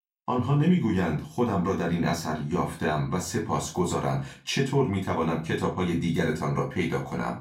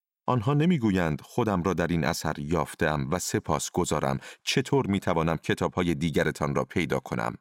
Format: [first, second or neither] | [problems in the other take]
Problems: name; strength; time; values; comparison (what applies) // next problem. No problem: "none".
second | off-mic speech; far // room echo; slight; dies away in 0.3 s